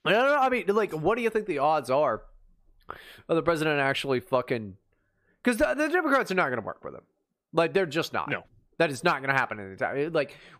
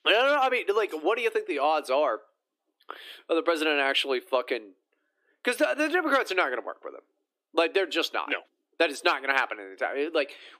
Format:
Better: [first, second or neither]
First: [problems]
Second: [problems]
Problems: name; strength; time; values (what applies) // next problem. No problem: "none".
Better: first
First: none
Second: thin; very slightly; fading below 300 Hz